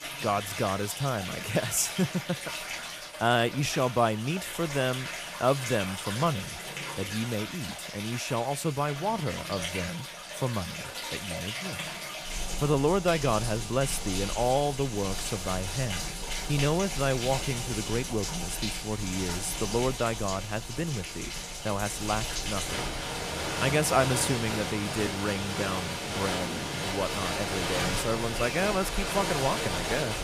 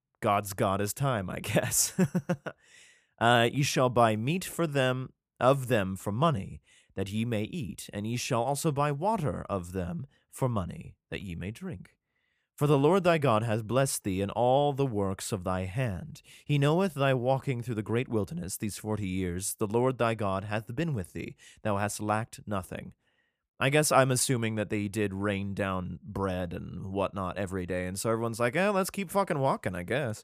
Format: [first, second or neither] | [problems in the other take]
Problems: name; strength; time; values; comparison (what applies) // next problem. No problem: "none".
second | rain or running water; loud; throughout; 3 dB below the speech